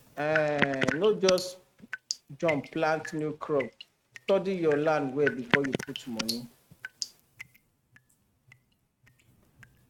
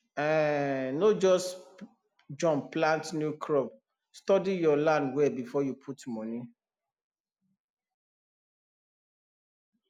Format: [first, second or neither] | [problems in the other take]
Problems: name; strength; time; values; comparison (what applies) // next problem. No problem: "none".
second | noise reduction (neural mask model RNNoise)